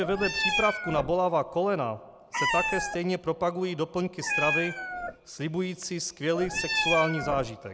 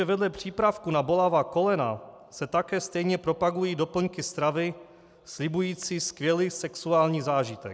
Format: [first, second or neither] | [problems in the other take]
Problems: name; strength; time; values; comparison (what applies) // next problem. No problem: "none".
second | background sound (Meow); 3 dB below the speech